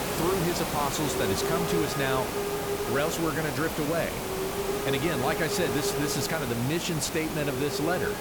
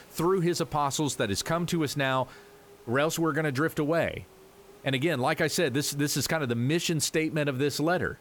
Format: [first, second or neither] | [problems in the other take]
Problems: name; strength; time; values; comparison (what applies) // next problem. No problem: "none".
second | hiss; loud; throughout; 1 dB below the speech; faint in the second